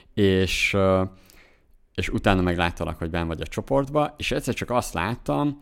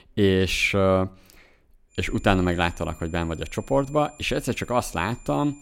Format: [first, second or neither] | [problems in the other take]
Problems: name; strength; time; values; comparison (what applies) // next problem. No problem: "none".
first | high-pitched whine; faint; from 2 s on; 7 kHz, 25 dB below the speech